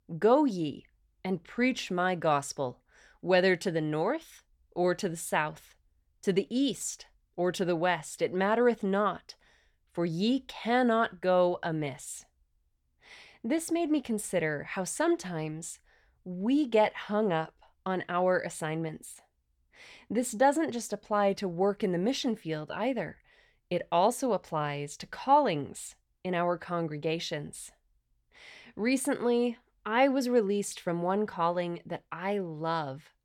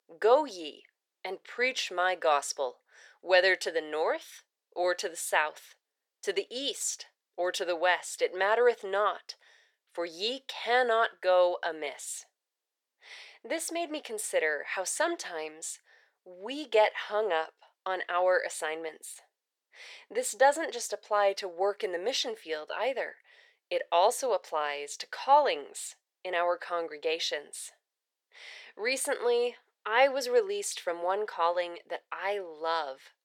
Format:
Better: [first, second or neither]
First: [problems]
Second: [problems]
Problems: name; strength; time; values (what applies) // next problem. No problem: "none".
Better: first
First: none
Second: thin; very; fading below 450 Hz